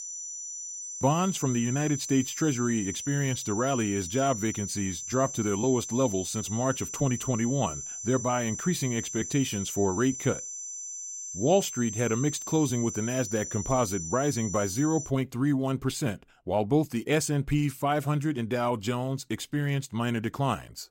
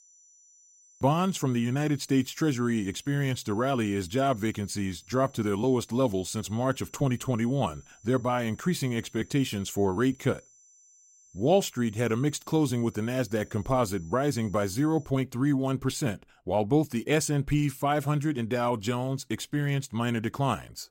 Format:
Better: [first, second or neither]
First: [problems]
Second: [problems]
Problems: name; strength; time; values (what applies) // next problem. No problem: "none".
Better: second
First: high-pitched whine; loud; until 15 s; 6 kHz, 7 dB below the speech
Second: high-pitched whine; faint; until 15 s; 6 kHz, 25 dB below the speech